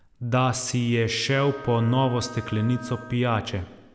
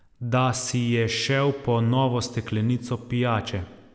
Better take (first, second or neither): second